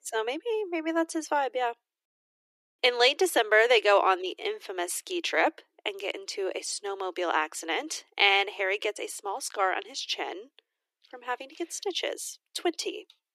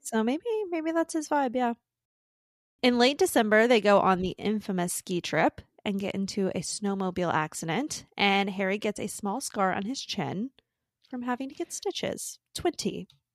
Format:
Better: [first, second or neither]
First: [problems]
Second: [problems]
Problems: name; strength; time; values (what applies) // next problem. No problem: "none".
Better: second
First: thin; very; fading below 300 Hz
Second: none